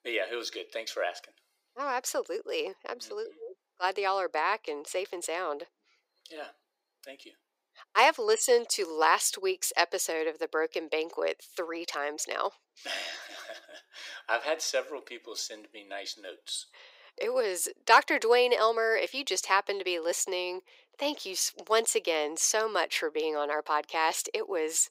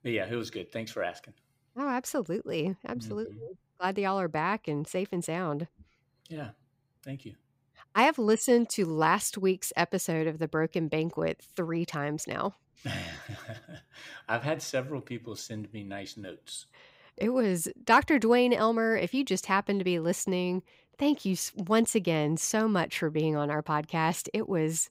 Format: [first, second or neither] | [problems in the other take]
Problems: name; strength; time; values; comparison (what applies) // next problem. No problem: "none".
second | thin; very; fading below 400 Hz